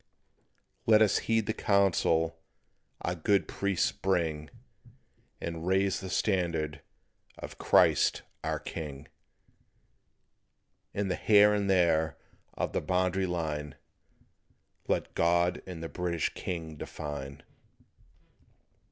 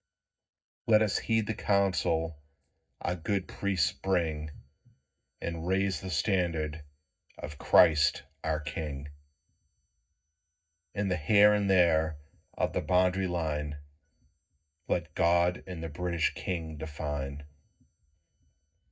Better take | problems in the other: first | noise reduction (neural mask model DeepFilterNet 3)

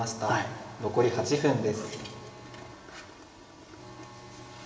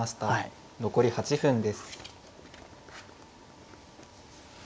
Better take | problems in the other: second | background sound (Alarm); 19 dB below the speech // room echo; dies away in 1.7 s

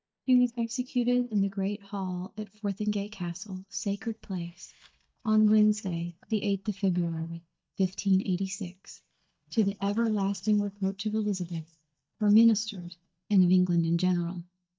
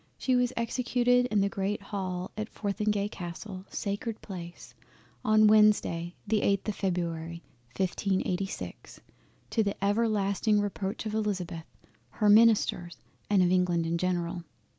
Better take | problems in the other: second | noise reduction (neural mask model DeepFilterNet 3)

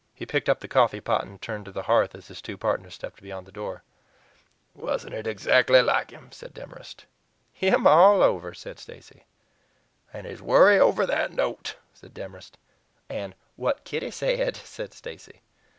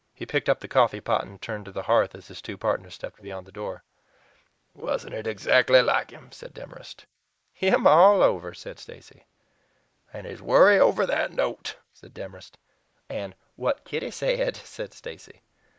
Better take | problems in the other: first | noise reduction (neural mask model Resemble Enhance denoiser)

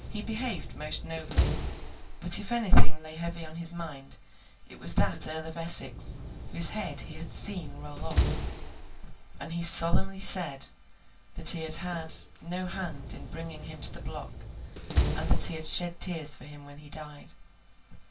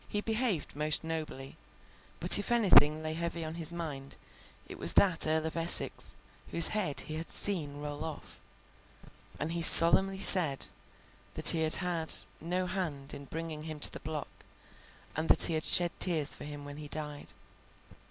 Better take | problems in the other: second | background sound (Slam); 11 dB below the speech // room echo; dies away in 0.2 s

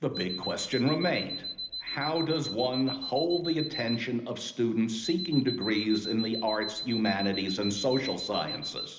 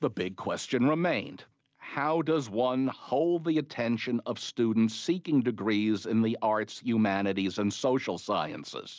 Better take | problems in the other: second | background sound (Alarm); 8 dB below the speech // room echo; dies away in 0.8 s

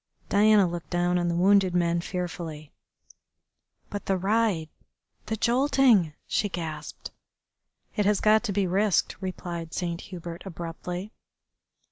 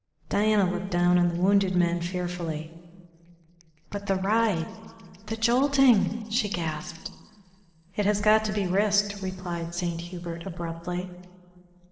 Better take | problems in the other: first | noise reduction (neural separator model SepFormer DNS4)

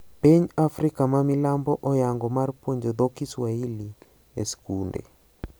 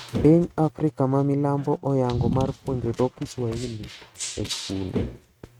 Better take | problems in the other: first | noise reduction (neural mask model RNNoise)

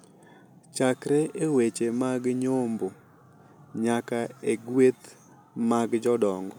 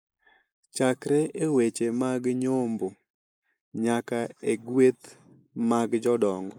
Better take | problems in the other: first | noise reduction (neural mask model Resemble Enhance denoiser)

